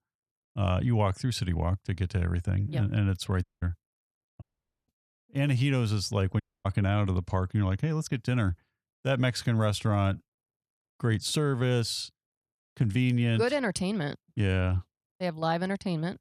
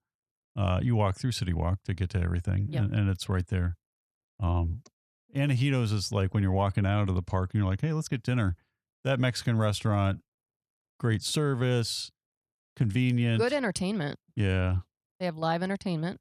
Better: second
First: audio cutting out; at 3.5 s, at 4.5 s and at 6.5 s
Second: none

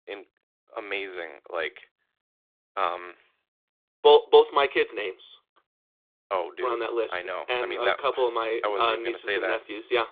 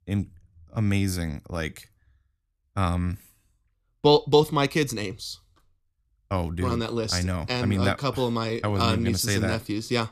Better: second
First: phone-call audio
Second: none

